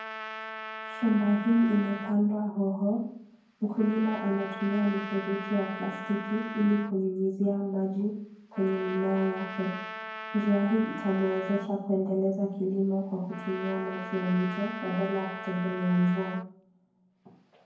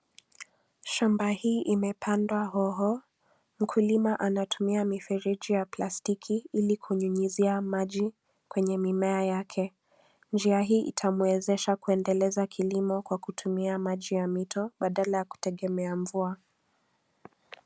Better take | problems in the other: second | background sound (Trumpet); 12 dB below the speech // room echo; dies away in 0.9 s

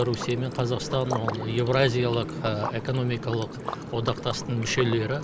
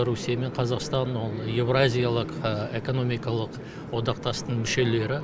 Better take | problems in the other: second | background sound (Liquid); 12 dB below the speech

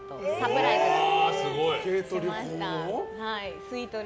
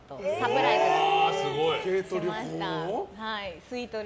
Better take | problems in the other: second | background sound (Wind instrument, woodwind instrument); 16 dB below the speech

